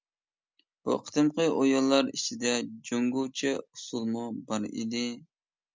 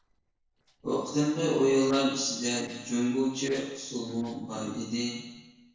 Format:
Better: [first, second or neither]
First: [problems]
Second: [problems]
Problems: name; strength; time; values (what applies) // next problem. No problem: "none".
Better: first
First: none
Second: noise reduction (neural separator model SepFormer DNS4)